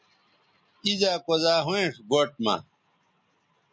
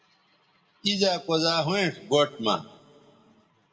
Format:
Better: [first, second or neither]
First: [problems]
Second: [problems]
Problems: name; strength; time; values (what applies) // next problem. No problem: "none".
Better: first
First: none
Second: room echo; dies away in 1.5 s